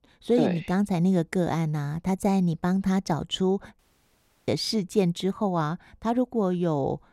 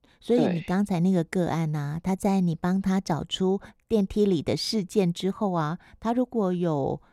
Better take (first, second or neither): second